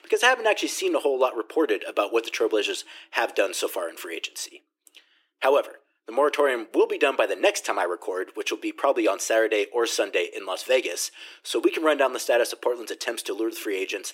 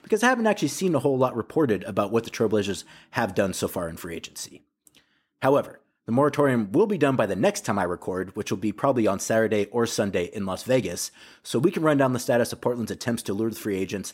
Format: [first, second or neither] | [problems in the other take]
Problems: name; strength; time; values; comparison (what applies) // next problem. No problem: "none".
second | thin; very; fading below 350 Hz